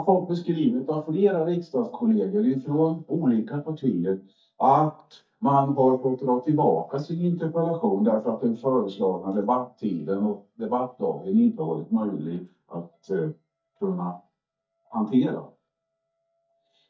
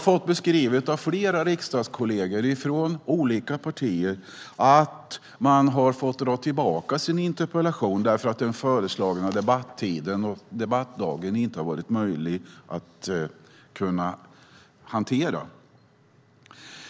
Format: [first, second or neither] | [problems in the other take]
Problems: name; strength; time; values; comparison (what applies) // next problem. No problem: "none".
second | noise reduction (neural mask model DeepFilterNet 3)